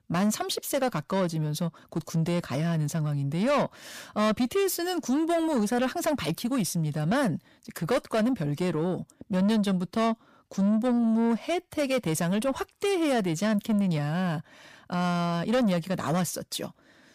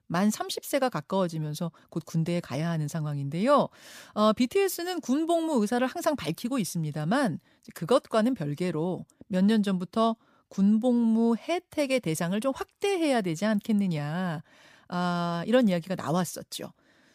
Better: second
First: distortion; slight; 10 dB below the speech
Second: none

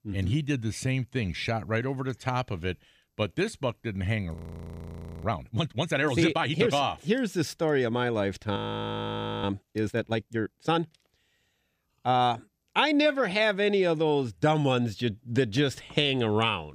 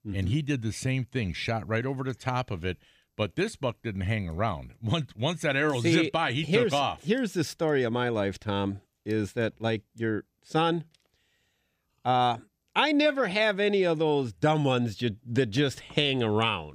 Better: second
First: audio freezing; at 4.5 s for 1 s and at 8.5 s for 1 s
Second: none

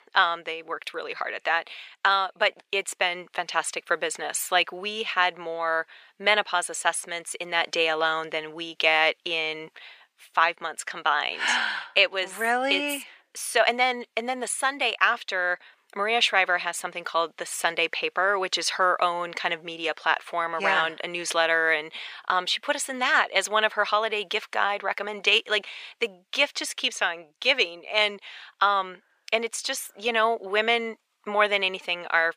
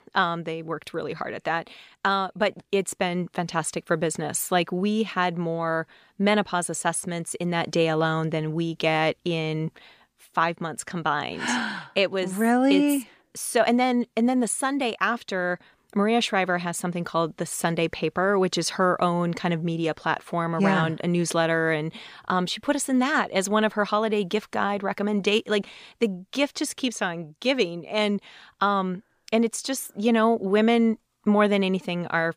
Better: second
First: thin; very; fading below 600 Hz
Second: none

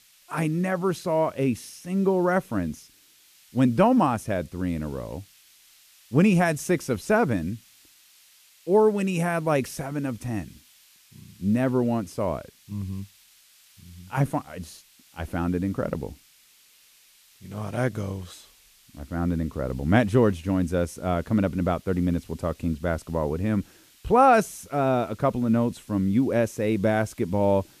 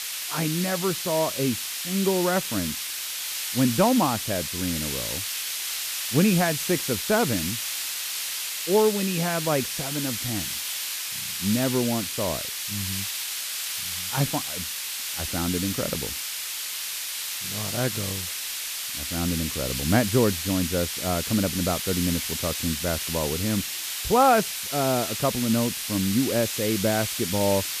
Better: first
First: hiss; faint; throughout; 30 dB below the speech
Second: hiss; loud; throughout; 2 dB below the speech

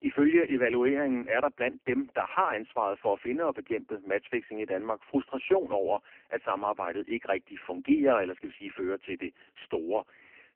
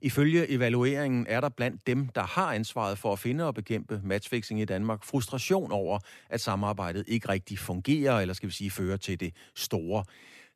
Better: second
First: phone-call audio; poor line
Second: none

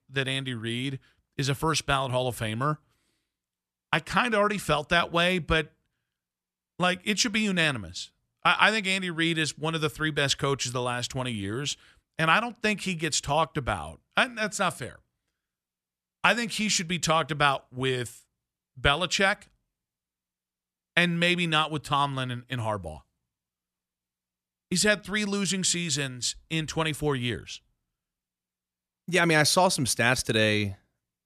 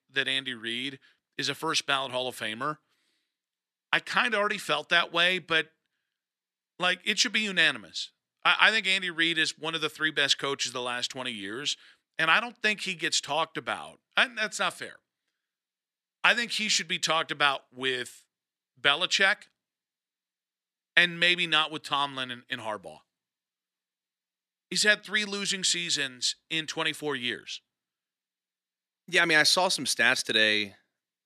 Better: first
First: none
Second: thin; somewhat; fading below 250 Hz

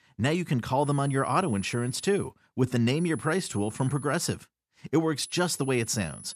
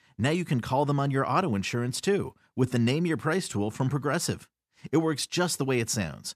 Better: second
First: high-pitched whine; noticeable; from 1 to 2.5 s, from 3 to 4.5 s and from 5 s on; 10 kHz, 15 dB below the speech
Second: none

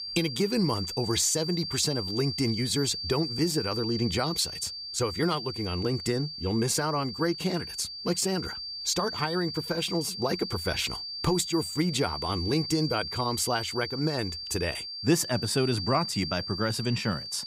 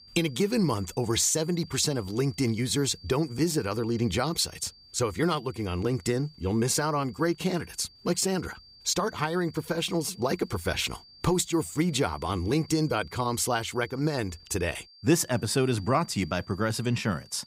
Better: second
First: high-pitched whine; loud; throughout; 4.5 kHz, 5 dB below the speech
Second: high-pitched whine; faint; throughout; 4.5 kHz, 25 dB below the speech

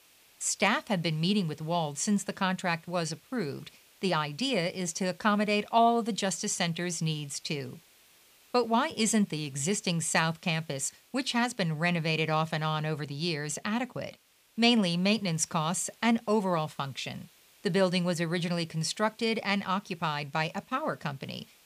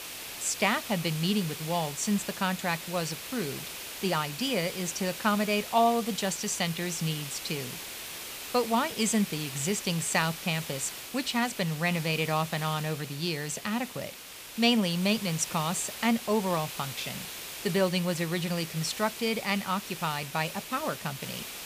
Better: first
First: hiss; faint; throughout; 30 dB below the speech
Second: hiss; loud; throughout; 9 dB below the speech

